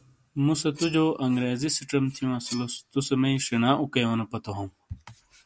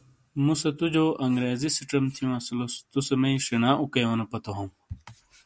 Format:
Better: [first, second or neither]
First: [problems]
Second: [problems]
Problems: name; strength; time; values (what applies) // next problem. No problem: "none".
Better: second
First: background sound (Cutlery, silverware); 19 dB below the speech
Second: none